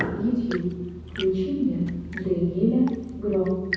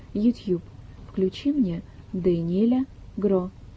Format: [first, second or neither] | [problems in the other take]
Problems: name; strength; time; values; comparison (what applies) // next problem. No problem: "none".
second | background sound (Tap / Fill (with liquid) / Trickle, dribble / Chirp, tweet / Engine); 14 dB below the speech // room echo; dies away in 1.1 s